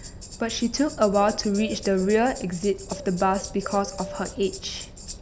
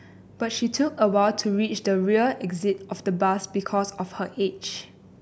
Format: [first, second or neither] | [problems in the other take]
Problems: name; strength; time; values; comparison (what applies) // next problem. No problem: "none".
second | background sound (Bird + Tambourine); 13 dB below the speech